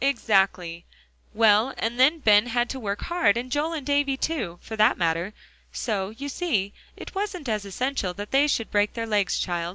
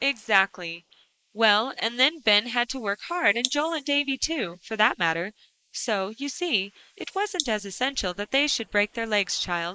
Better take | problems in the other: first | noise reduction (neural mask model Resemble Enhance denoiser)

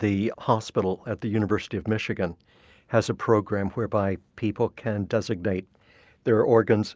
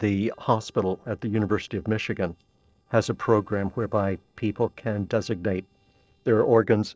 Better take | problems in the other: first | noise reduction (neural separator model SepFormer DNS4)

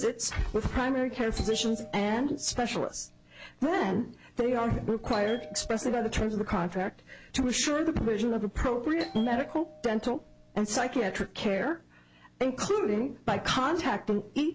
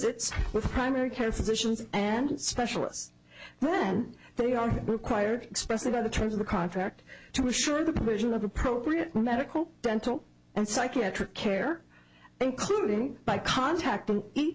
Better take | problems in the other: second | background sound (Bell); 19 dB below the speech

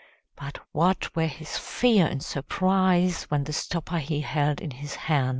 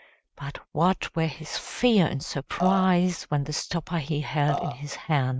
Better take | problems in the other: first | noise reduction (neural mask model RNNoise)

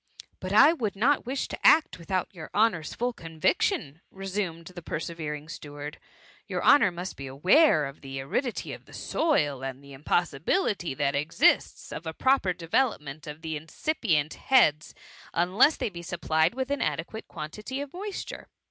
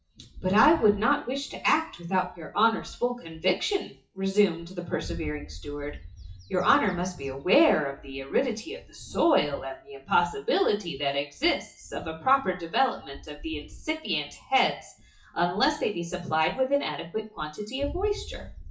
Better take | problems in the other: first | noise reduction (classical method WPE with log-MMSE)

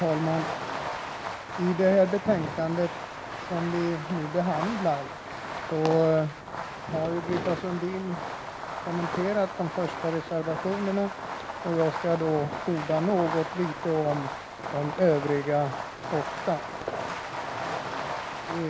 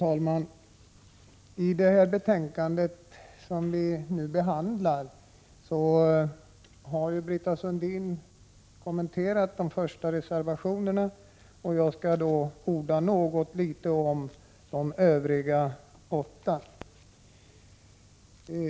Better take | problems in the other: second | background sound (Fireworks); 6 dB below the speech

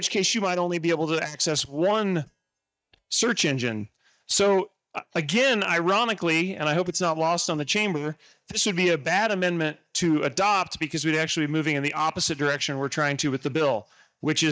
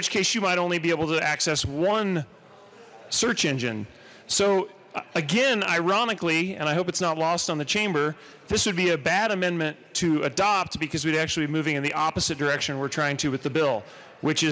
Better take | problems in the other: second | noise reduction (neural mask model DeepFilterNet 3)

